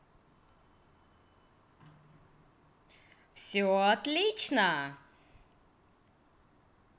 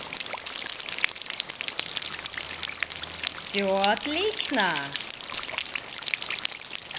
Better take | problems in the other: first | background sound (Rain); 1 dB below the speech

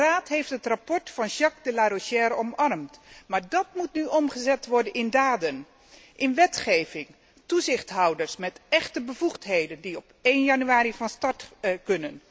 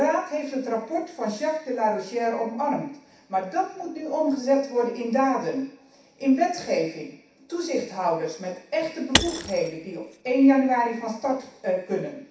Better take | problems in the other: first | background sound (Shatter / Crushing); 4 dB below the speech // room echo; dies away in 0.7 s

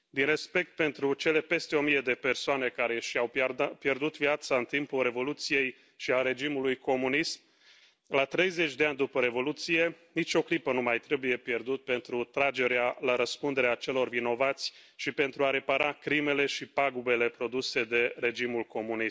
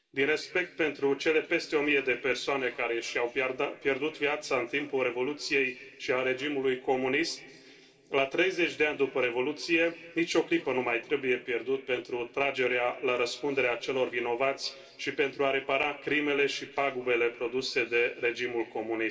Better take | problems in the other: first | room echo; dies away in 2.4 s

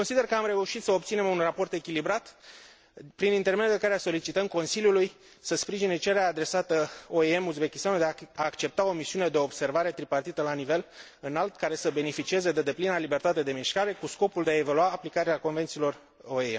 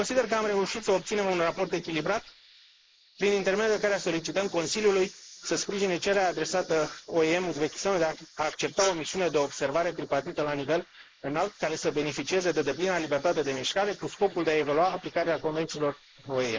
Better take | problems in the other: first | noise reduction (neural mask model Resemble Enhance denoiser)

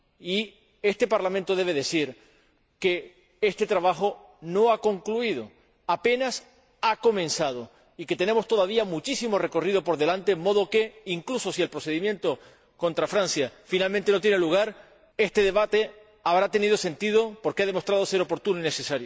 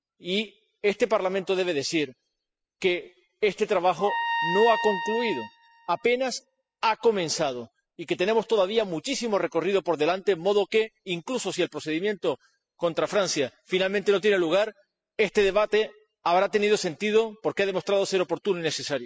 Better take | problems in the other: first | noise reduction (classical method spectral subtraction)

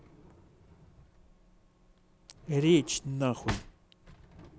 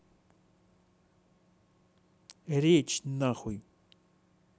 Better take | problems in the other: second | background sound (Drawer open or close); 13 dB below the speech

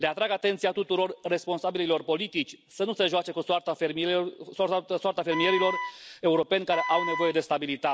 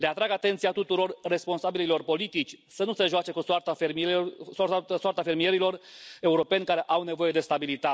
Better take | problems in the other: second | background sound (Wind instrument, woodwind instrument); 6 dB below the speech

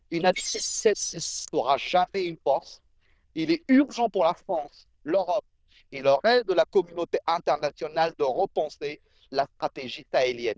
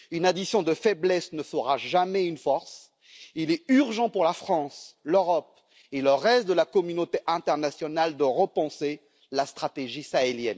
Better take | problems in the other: second | noise reduction (neural diffusion model UNIVERSE++)

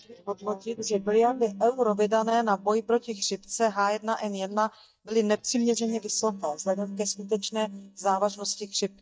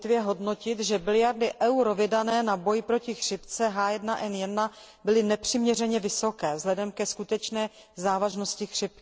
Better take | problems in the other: second | noise reduction (neural mask model DeepFilterNet 3)

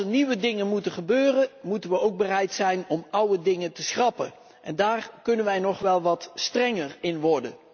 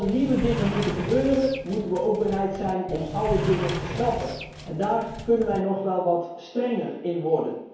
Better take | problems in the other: first | background sound (Sliding door); 8 dB below the speech // room echo; dies away in 1 s

